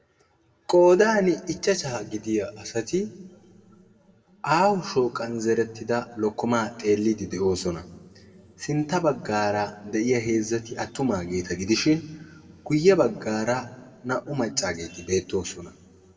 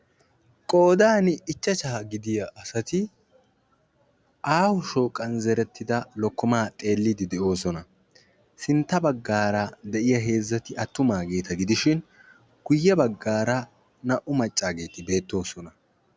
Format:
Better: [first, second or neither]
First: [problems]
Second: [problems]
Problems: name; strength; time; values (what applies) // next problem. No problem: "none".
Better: second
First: room echo; dies away in 1.2 s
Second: none